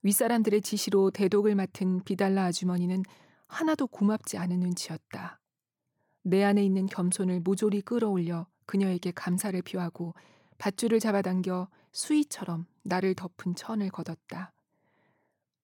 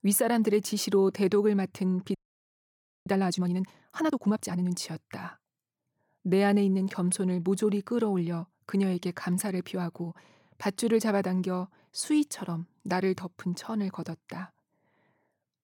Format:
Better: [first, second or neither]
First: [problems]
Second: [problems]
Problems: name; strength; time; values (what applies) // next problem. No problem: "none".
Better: first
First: none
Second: audio freezing; at 2 s for 1 s